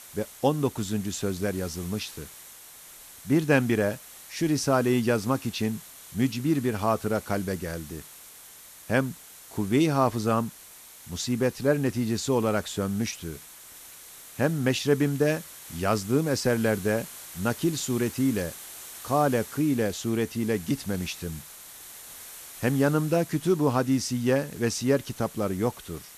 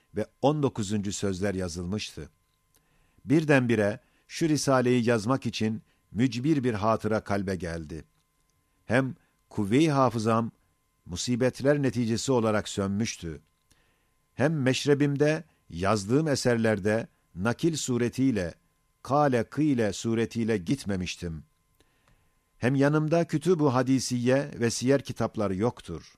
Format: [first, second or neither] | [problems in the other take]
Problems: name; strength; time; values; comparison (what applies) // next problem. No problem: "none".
second | hiss; noticeable; throughout; 15 dB below the speech